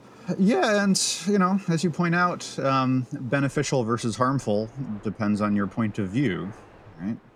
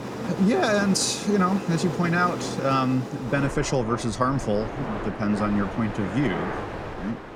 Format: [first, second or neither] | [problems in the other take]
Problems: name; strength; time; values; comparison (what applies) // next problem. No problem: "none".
first | train or aircraft noise; loud; throughout; 8 dB below the speech; faint in the first